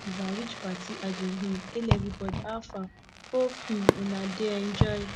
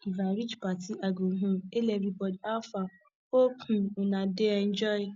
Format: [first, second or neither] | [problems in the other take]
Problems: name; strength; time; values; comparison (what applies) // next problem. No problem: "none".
second | background sound (Fireworks); as loud as the speech